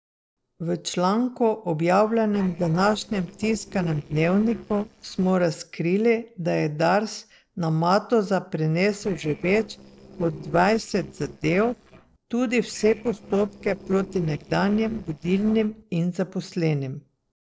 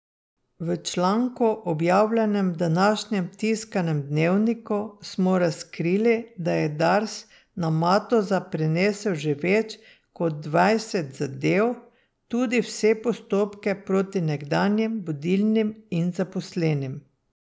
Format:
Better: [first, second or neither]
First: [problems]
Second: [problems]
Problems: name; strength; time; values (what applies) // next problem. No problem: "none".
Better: second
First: noise reduction (neural separator model SepFormer DNS4)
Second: none